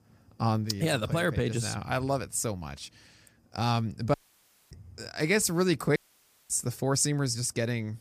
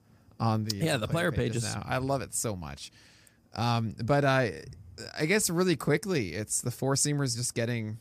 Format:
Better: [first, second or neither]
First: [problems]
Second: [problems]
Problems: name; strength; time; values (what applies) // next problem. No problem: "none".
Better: second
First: audio cutting out; at 4 s for 0.5 s and at 6 s for 0.5 s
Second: none